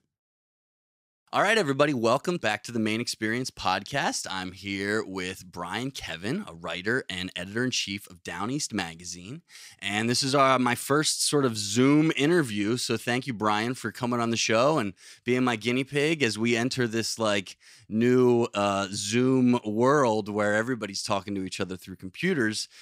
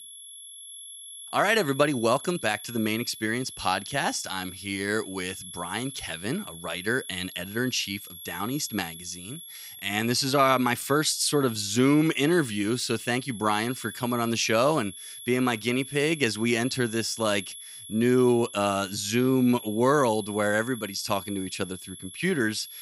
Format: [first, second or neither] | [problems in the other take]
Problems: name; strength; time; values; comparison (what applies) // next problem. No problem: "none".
first | high-pitched whine; noticeable; throughout; 11 kHz, 15 dB below the speech